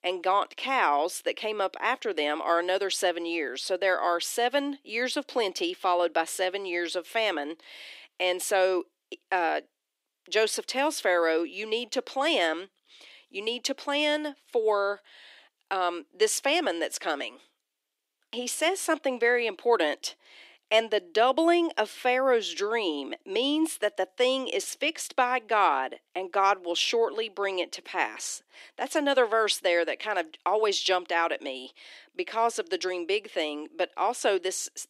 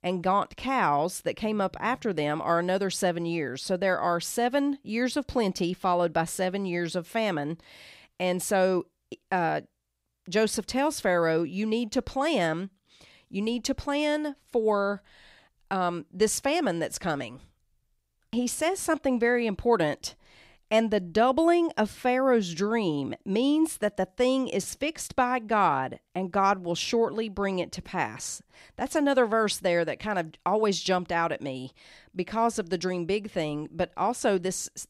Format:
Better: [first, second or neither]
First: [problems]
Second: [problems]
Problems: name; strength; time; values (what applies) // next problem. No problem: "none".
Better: second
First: thin; somewhat; fading below 300 Hz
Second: none